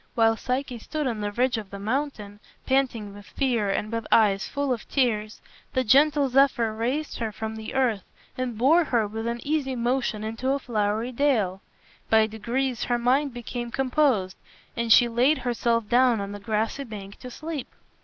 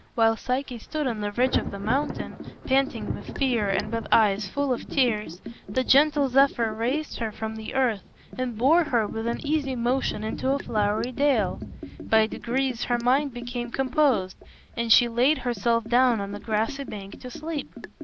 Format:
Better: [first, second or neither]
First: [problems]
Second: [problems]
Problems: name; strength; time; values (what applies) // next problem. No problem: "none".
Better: first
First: none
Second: background sound (Liquid + Thunder); 11 dB below the speech